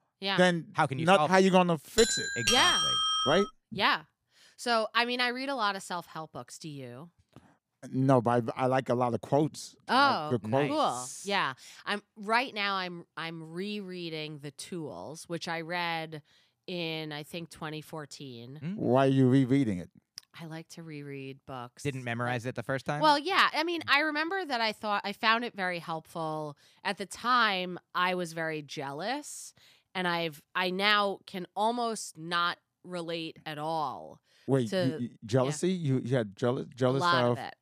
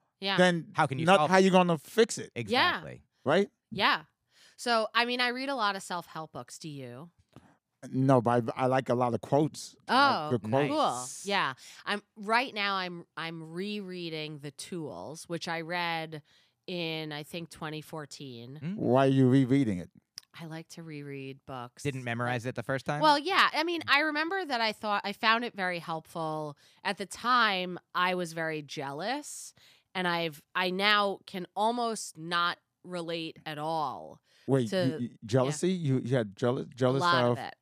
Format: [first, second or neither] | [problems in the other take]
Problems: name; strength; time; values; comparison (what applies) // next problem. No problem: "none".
second | doorbell; loud; from 2 to 3.5 s; peak 6 dB above the speech